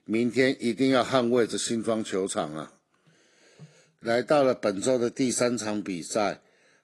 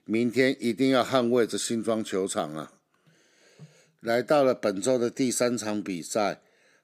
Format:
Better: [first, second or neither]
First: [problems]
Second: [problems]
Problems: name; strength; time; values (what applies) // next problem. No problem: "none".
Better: second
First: garbled, watery; slightly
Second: none